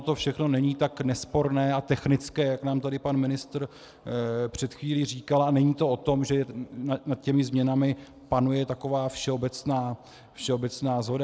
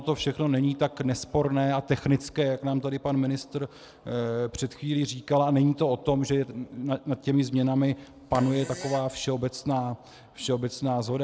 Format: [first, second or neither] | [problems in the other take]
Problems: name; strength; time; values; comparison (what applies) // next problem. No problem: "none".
first | background sound (Fart); 16 dB below the speech